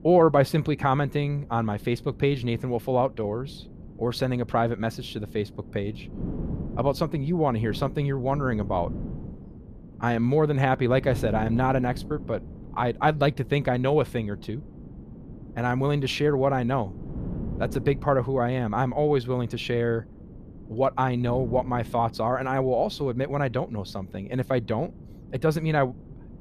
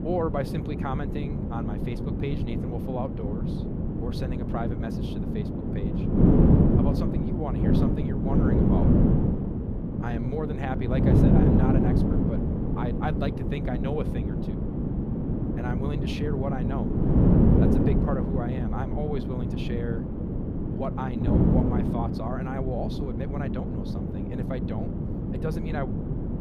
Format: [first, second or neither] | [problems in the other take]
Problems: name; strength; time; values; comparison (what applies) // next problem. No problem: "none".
first | wind noise on the microphone; heavy; 3 dB above the speech; occasional gusts in the first